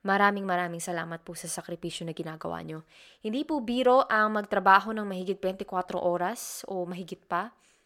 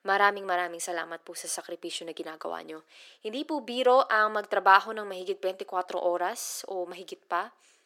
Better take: first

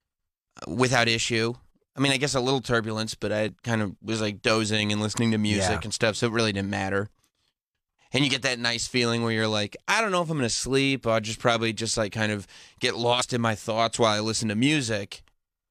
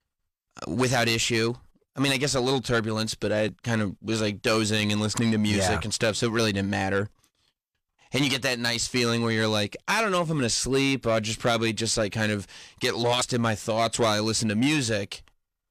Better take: first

